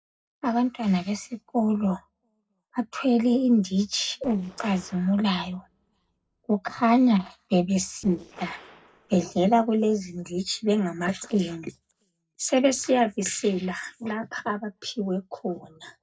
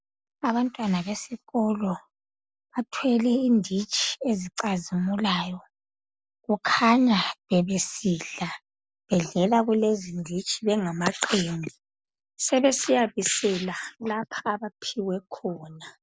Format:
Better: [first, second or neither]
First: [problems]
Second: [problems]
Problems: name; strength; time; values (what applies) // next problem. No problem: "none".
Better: second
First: noise reduction (neural separator model SepFormer DNS4)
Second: none